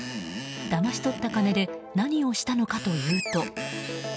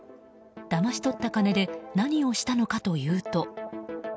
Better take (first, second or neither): second